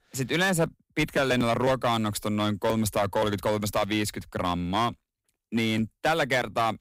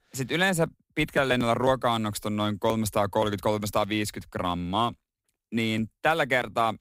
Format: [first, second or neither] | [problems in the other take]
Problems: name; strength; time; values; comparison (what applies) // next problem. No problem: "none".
second | distortion; slight; 5% of the sound clipped